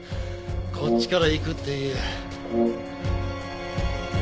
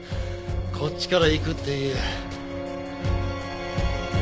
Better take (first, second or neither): second